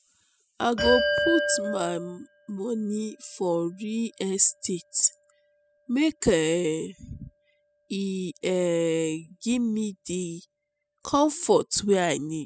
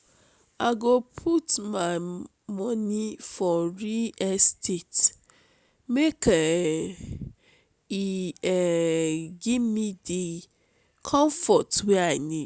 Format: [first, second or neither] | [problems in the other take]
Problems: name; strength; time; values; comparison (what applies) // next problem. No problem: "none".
second | noise reduction (classical method spectral subtraction)